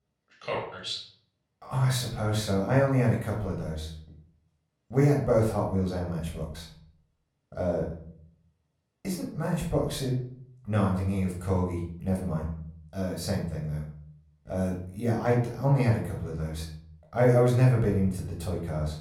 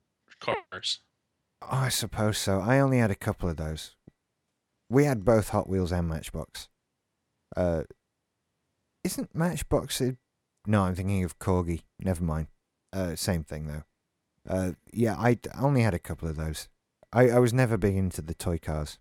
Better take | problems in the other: second | off-mic speech; far // room echo; noticeable; dies away in 0.6 s

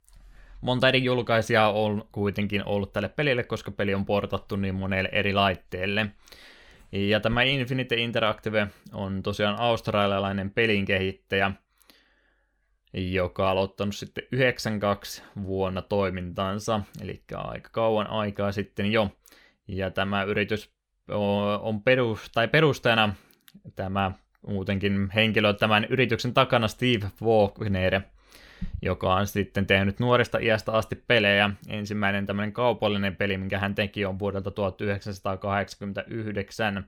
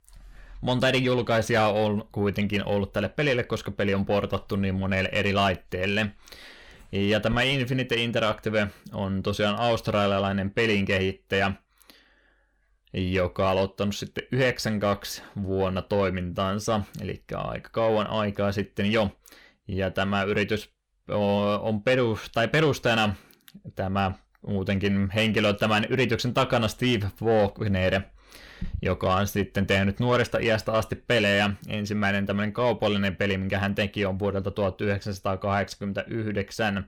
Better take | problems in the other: first | distortion; slight; 10 dB below the speech

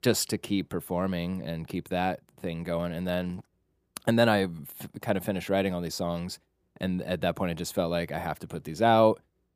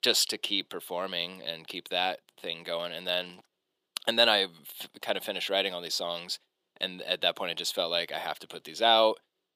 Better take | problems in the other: first | thin; somewhat; fading below 450 Hz

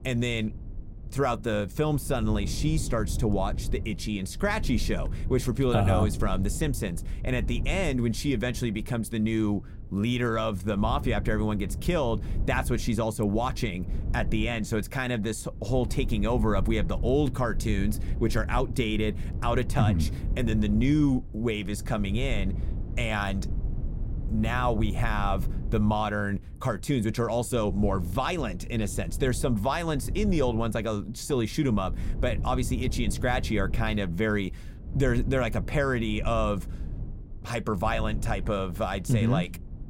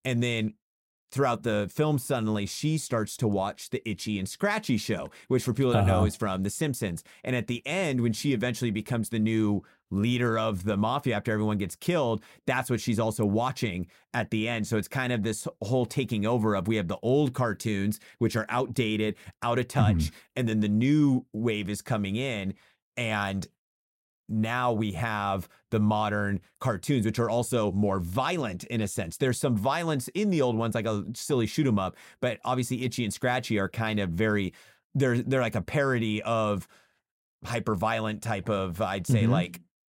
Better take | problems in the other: second | low rumble; noticeable; throughout; 20 dB below the speech

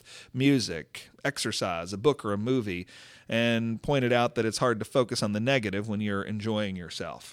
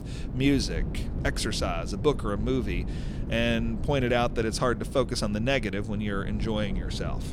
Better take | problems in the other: first | wind noise on the microphone; occasional gusts; 15 dB below the speech

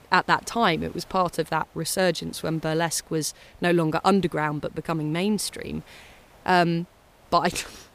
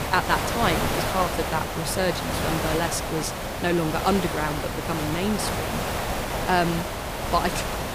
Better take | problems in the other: first | hiss; loud; throughout; 1 dB below the speech; faint in the first

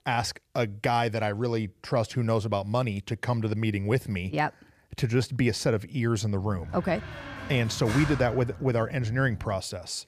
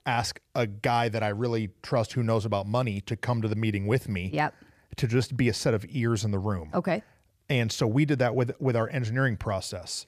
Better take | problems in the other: second | door banging; noticeable; from 6.5 to 9.5 s; peak 5 dB below the speech

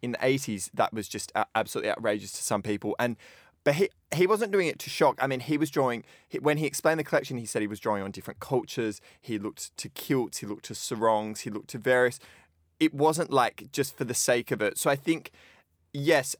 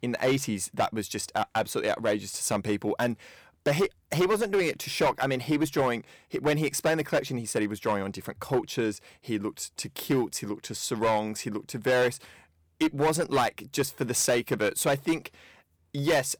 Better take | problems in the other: first | distortion; slight; 6% of the sound clipped

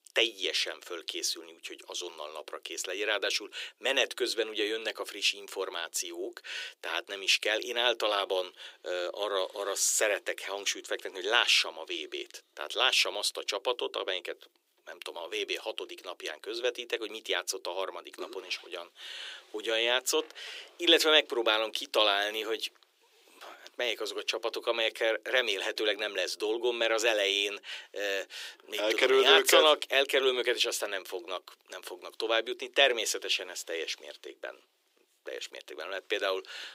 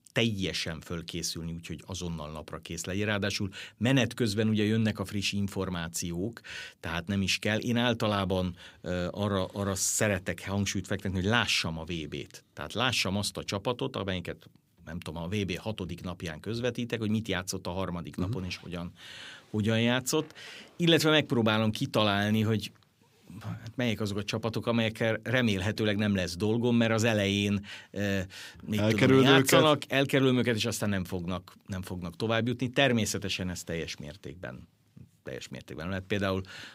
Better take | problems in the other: second | thin; very; fading below 350 Hz

